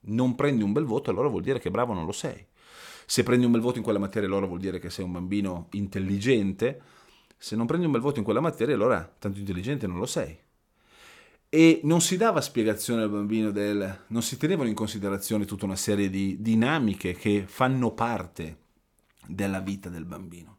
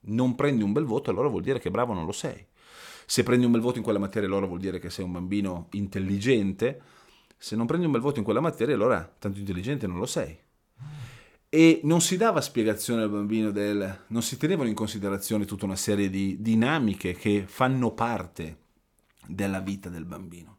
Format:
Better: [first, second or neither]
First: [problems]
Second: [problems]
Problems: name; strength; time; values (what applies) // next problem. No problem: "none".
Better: first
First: none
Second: phone ringing; faint; at 11 s; peak 15 dB below the speech